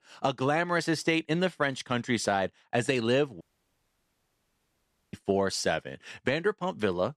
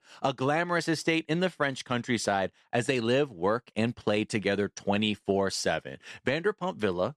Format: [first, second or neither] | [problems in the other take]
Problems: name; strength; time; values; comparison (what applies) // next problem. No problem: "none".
second | audio cutting out; at 3.5 s for 1.5 s